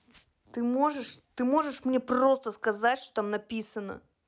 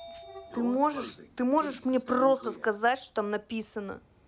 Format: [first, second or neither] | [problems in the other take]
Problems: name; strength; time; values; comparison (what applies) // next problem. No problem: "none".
first | background sound (Sliding door / Train); 16 dB below the speech